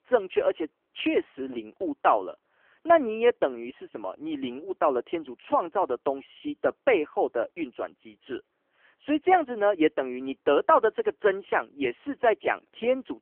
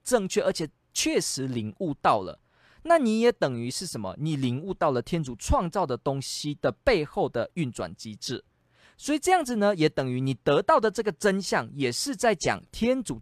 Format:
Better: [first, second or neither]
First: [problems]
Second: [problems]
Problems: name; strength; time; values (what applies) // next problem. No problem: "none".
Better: second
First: phone-call audio; poor line; nothing above 3 kHz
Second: none